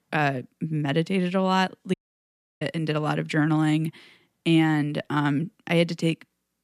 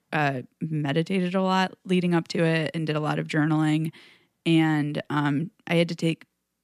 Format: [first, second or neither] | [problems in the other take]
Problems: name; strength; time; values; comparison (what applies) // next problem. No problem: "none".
second | audio cutting out; at 2 s for 0.5 s